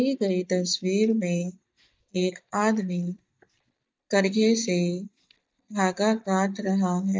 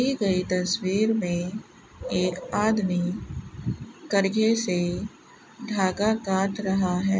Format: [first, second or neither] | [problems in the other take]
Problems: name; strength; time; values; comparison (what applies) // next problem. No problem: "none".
second | noise reduction (neural mask model DeepFilterNet 3)